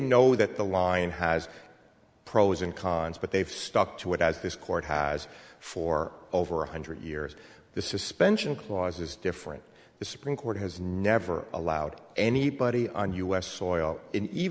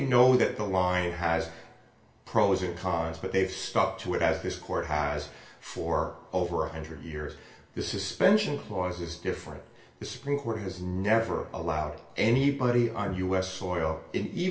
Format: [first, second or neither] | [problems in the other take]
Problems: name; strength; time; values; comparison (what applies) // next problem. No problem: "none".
first | room echo; dies away in 0.3 s